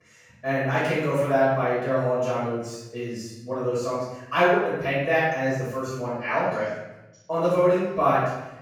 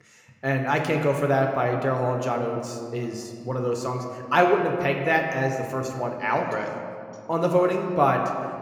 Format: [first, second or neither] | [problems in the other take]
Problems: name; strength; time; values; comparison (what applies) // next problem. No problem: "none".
second | room echo; strong; dies away in 0.9 s; slight in the second // off-mic speech; far